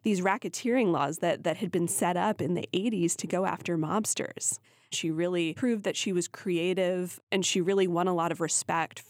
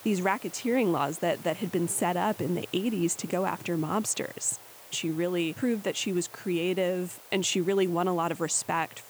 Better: first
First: none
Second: hiss; noticeable; throughout; 20 dB below the speech

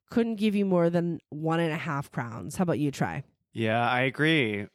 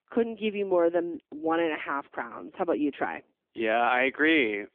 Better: first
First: none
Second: phone-call audio; nothing above 3.5 kHz

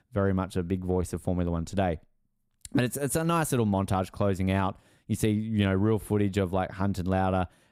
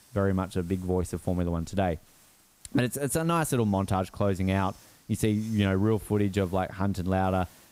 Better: first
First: none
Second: hiss; faint; throughout; 25 dB below the speech

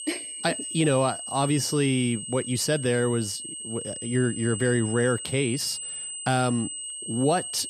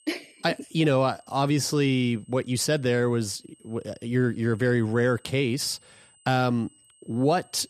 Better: second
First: high-pitched whine; loud; throughout; 8.5 kHz, 7 dB below the speech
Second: high-pitched whine; faint; throughout; 8.5 kHz, 30 dB below the speech

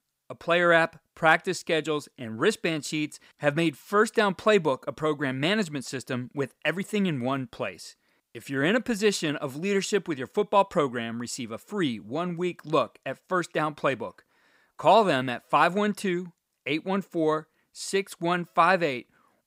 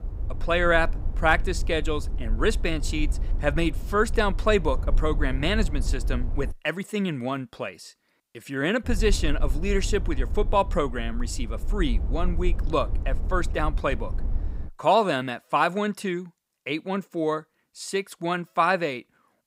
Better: first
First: none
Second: low rumble; faint; until 6.5 s and from 9 to 15 s; 20 dB below the speech

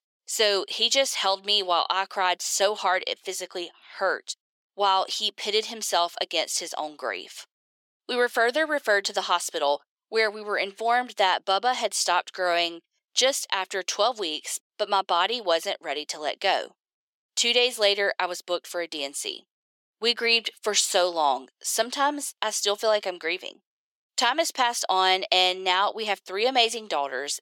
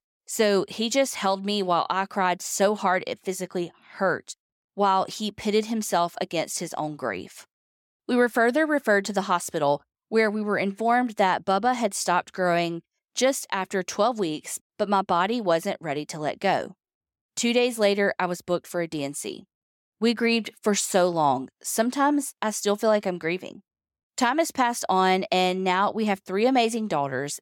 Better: second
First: thin; somewhat; fading below 400 Hz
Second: none

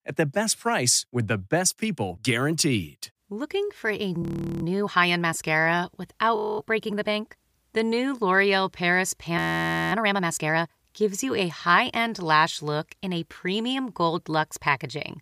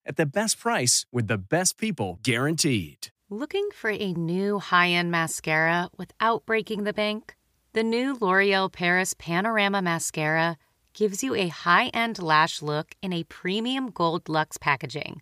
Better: second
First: audio freezing; at 4 s, at 6.5 s and at 9.5 s for 0.5 s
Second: none

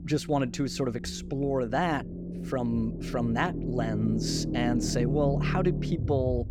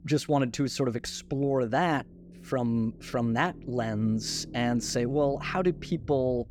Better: second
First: low rumble; loud; throughout; 9 dB below the speech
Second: low rumble; faint; throughout; 25 dB below the speech

